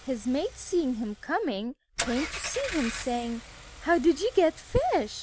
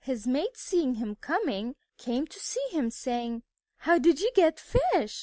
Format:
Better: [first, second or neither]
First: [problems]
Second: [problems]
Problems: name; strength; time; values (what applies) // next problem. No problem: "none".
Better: second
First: background sound (Engine / Car); 12 dB below the speech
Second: none